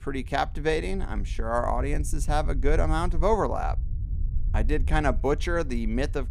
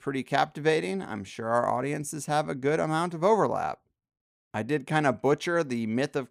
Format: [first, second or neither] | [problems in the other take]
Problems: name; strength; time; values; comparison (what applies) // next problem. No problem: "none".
second | low rumble; faint; throughout; 25 dB below the speech